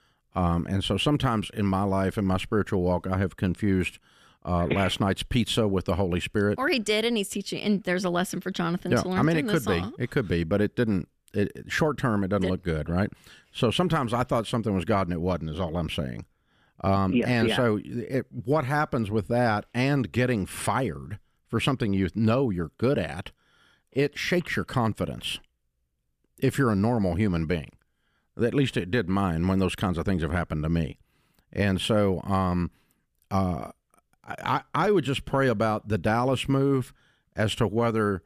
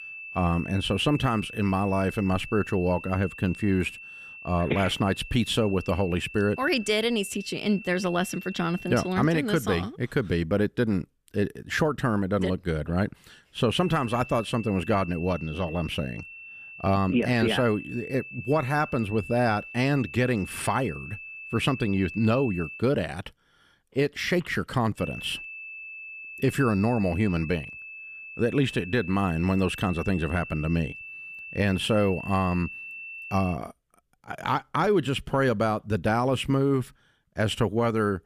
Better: first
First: none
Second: high-pitched whine; noticeable; until 9 s, from 14 to 23 s and from 25 to 34 s; 2.5 kHz, 15 dB below the speech

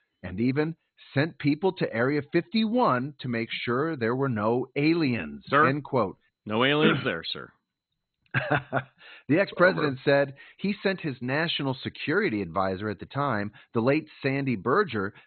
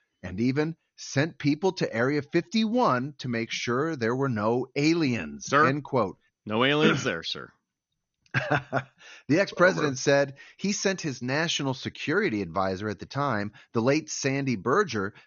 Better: second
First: garbled, watery; badly; nothing above 4 kHz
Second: garbled, watery; slightly; nothing above 6.5 kHz

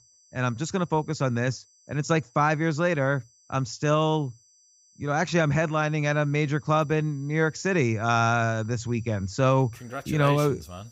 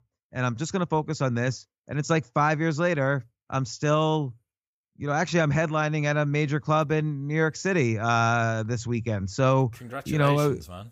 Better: second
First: high-pitched whine; faint; throughout; 6 kHz, 30 dB below the speech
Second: none

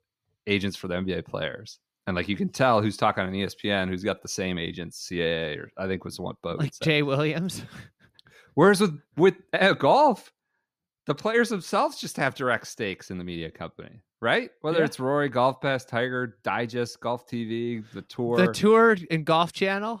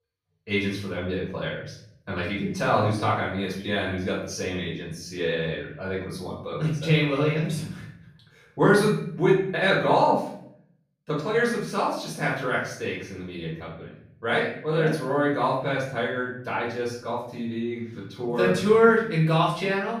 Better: first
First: none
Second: off-mic speech; far // room echo; noticeable; dies away in 0.6 s

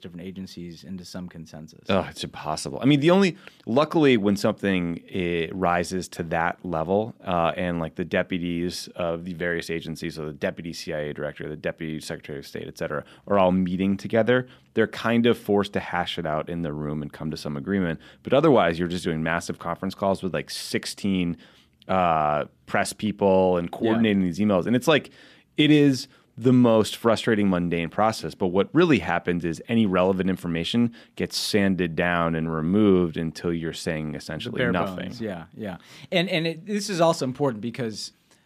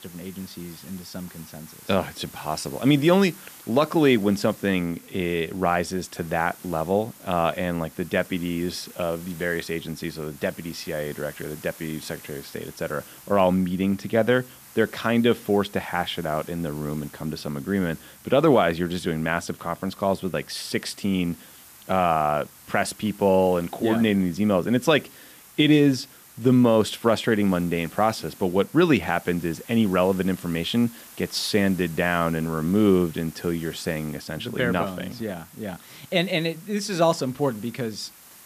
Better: first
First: none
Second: hiss; faint; throughout; 20 dB below the speech

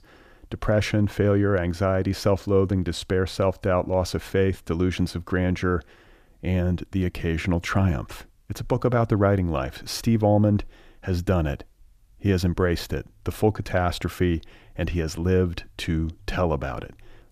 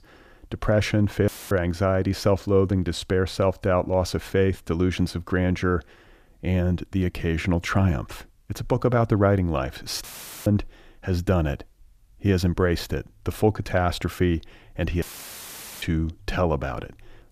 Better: first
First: none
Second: audio cutting out; filled with static; at 1.5 s, at 10 s and at 15 s for 1 s

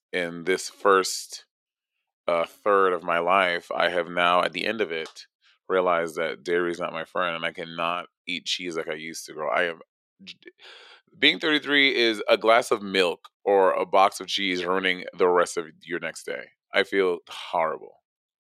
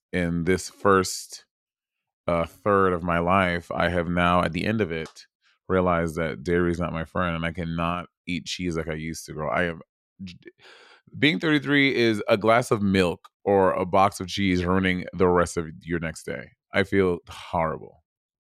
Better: second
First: thin; somewhat; fading below 400 Hz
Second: none

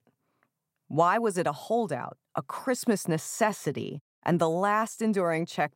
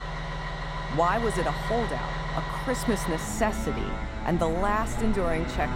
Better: first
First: none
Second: traffic noise; loud; throughout; 3 dB below the speech

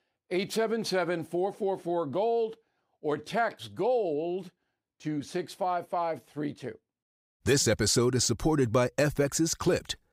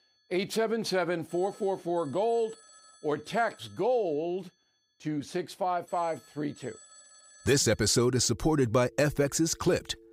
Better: first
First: none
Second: alarms or sirens; faint; throughout; 25 dB below the speech

